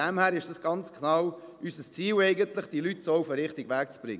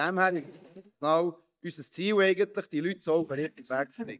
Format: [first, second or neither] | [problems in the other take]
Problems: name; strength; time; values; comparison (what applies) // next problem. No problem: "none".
first | noise reduction (neural mask model DeepFilterNet 3)